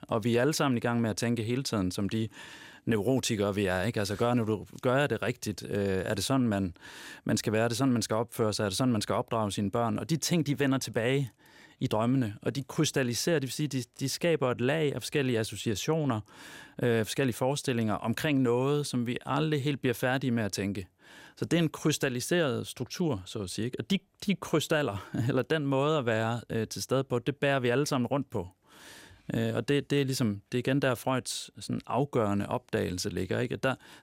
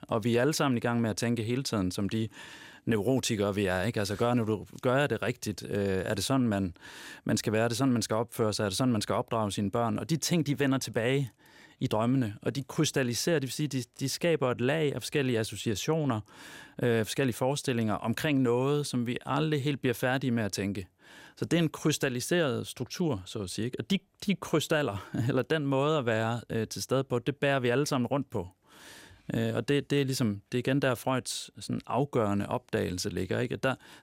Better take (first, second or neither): neither